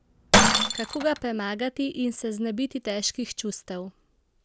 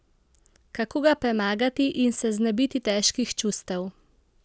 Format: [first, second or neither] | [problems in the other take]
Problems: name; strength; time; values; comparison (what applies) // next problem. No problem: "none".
second | background sound (Shatter); 2 dB above the speech